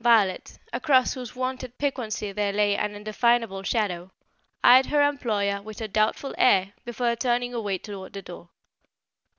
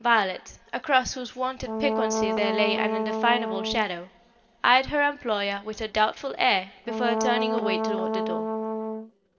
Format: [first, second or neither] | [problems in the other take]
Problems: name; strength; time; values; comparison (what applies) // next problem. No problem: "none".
first | background sound (Brass instrument); 1 dB below the speech // room echo; dies away in 2.1 s